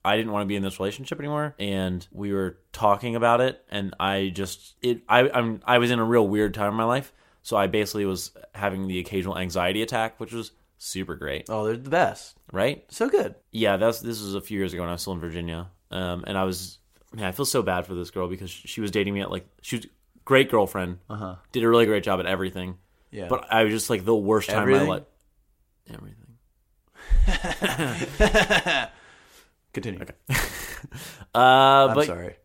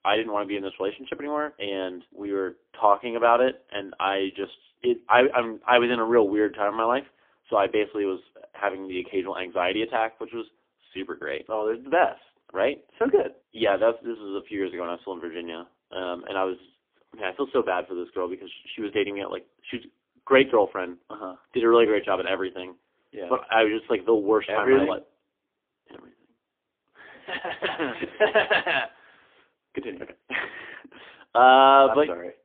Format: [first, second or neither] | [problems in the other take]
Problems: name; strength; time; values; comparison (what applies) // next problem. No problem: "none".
first | phone-call audio; poor line; nothing above 3.5 kHz